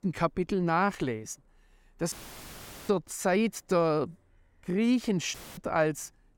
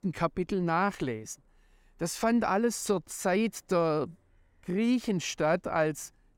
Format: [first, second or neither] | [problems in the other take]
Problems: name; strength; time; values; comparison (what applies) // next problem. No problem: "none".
second | audio cutting out; filled with static; at 2 s for 1 s and at 5.5 s